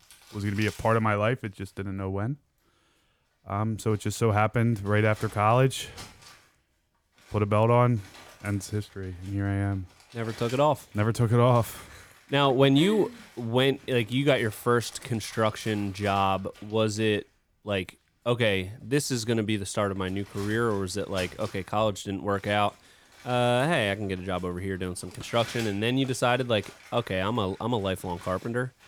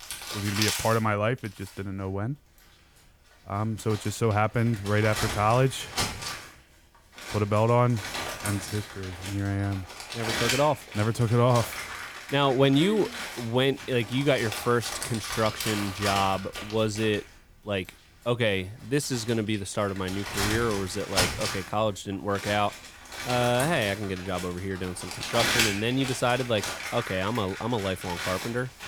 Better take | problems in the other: first | household noises; loud; throughout; 5 dB below the speech; faint in the first

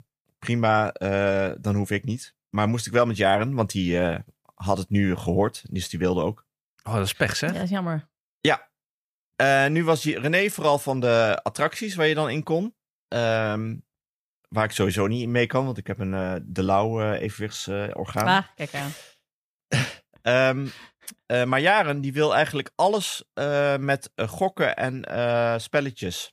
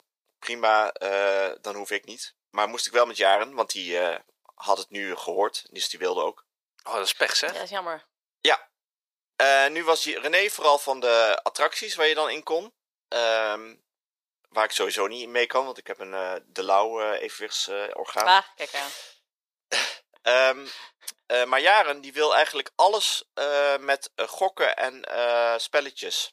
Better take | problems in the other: first | thin; very; fading below 400 Hz

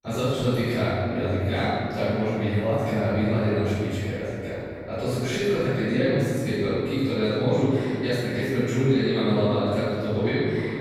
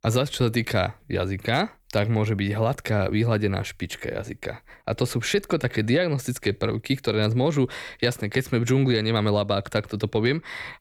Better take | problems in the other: second | room echo; strong; dies away in 2.6 s // off-mic speech; far

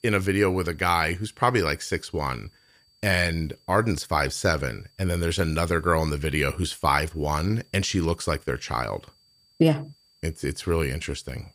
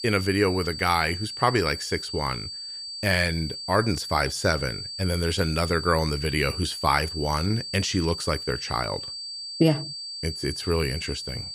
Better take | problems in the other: first | high-pitched whine; loud; throughout; 4.5 kHz, 7 dB below the speech; faint in the first

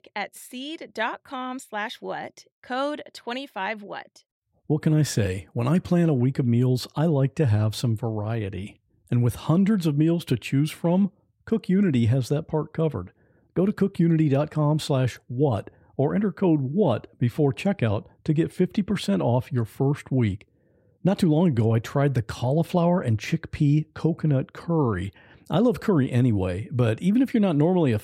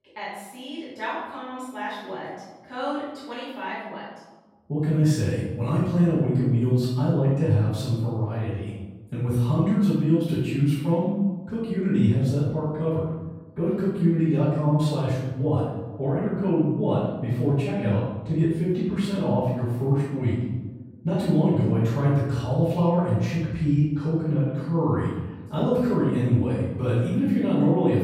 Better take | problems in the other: first | off-mic speech; far // room echo; strong; dies away in 1 s

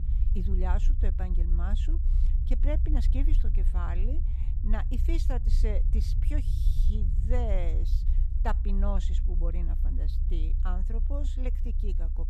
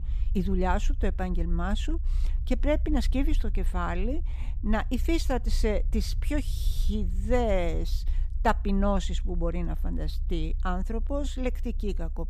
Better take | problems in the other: second | low rumble; loud; throughout; 8 dB below the speech; faint in the second

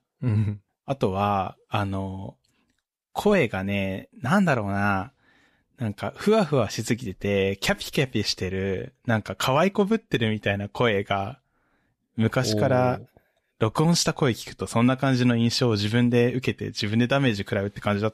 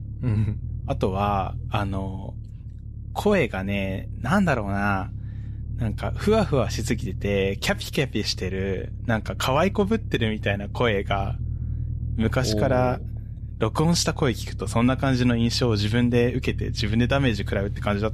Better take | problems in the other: first | low rumble; faint; throughout; 20 dB below the speech

